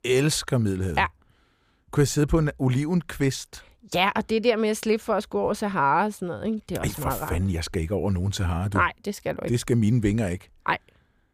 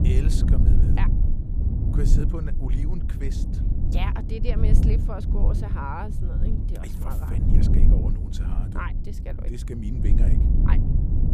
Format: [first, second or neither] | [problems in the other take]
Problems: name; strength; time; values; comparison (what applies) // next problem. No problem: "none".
first | low rumble; loud; throughout; 1 dB below the speech